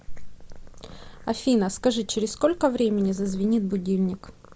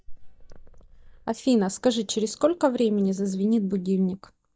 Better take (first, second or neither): first